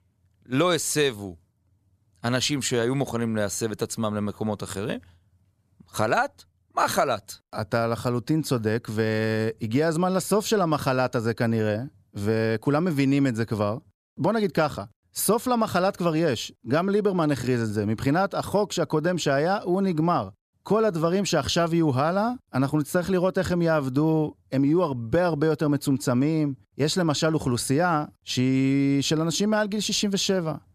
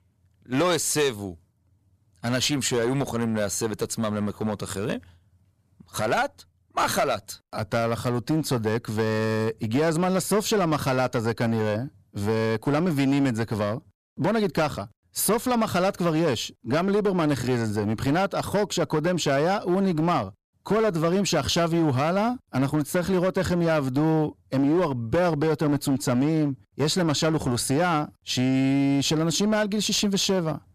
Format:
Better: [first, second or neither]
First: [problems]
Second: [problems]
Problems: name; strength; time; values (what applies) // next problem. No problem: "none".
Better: first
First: none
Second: distortion; slight; 11% of the sound clipped